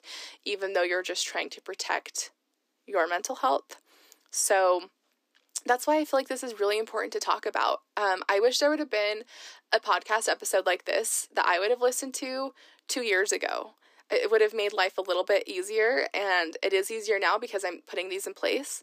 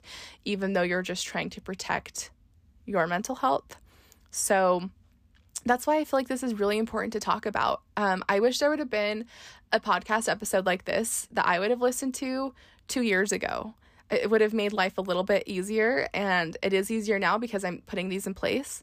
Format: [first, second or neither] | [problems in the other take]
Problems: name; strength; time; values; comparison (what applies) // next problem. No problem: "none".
second | thin; somewhat; fading below 300 Hz